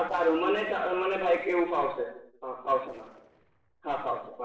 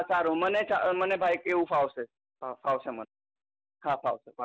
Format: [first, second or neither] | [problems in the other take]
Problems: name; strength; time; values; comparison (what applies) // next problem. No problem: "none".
second | noise reduction (neural separator model SepFormer DNS4)